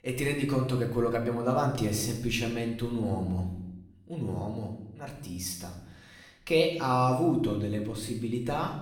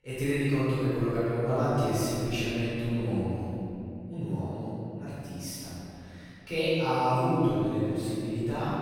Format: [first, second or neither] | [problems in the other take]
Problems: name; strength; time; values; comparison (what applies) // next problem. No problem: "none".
first | room echo; strong; dies away in 2.7 s; slight in the first // off-mic speech; far; somewhat distant in the first